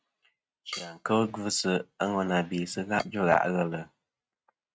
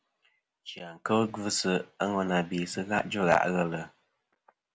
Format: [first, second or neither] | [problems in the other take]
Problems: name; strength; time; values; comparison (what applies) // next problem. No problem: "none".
second | noise reduction (neural mask model RNNoise)